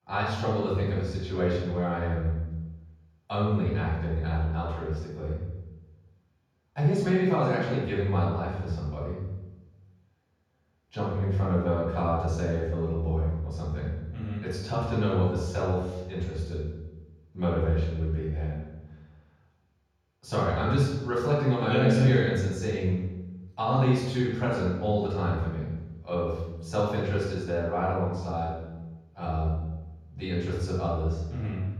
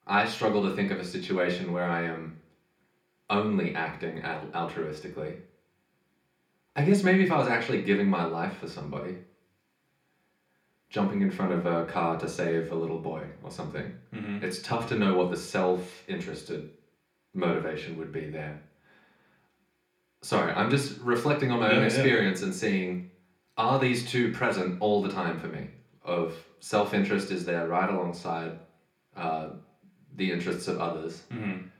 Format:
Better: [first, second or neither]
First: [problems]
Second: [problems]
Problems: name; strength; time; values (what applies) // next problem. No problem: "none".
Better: second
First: room echo; strong; dies away in 1.3 s // off-mic speech; far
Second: room echo; slight; dies away in 0.4 s // off-mic speech; far